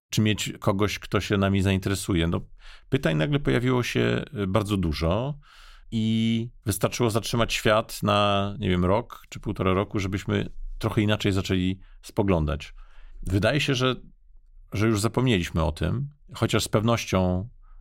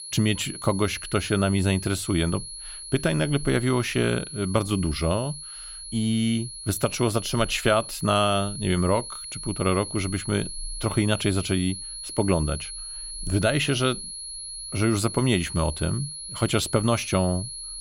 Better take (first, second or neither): first